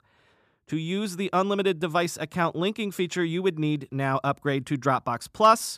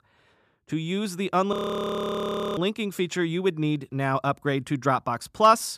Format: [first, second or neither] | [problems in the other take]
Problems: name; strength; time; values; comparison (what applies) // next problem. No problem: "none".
first | audio freezing; at 1.5 s for 1 s